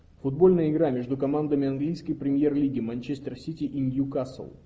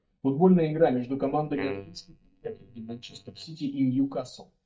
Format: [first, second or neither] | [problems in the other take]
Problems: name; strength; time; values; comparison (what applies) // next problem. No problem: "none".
first | noise reduction (neural mask model DeepFilterNet 3)